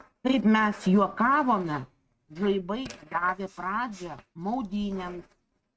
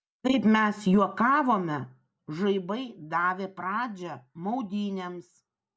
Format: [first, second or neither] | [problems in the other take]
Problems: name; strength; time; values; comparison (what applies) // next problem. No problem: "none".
second | noise reduction (neural mask model RNNoise)